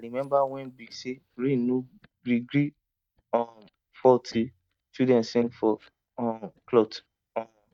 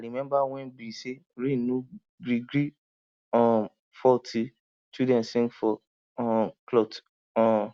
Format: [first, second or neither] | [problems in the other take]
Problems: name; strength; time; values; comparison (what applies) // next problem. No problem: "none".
second | noise reduction (neural mask model DeepFilterNet 3)